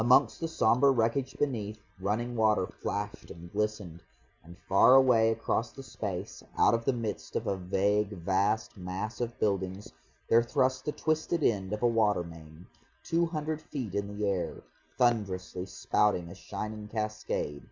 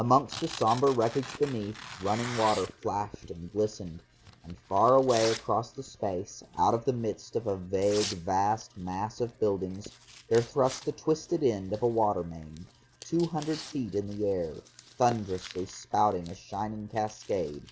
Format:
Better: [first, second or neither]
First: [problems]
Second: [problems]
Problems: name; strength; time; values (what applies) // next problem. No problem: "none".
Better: first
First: none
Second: background sound (Tearing); 16 dB below the speech